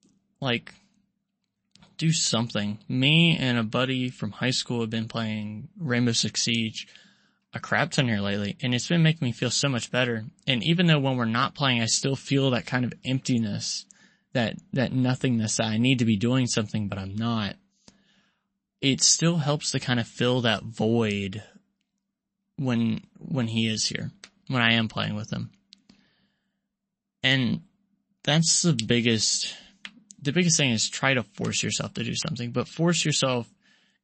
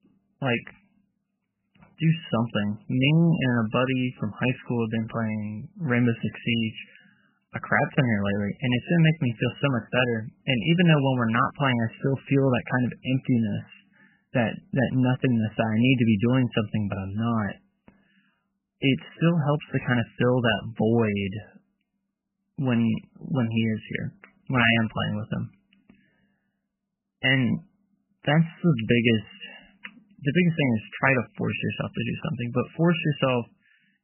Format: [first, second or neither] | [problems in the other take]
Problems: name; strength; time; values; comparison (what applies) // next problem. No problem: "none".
first | garbled, watery; badly; nothing above 3 kHz; slightly in the first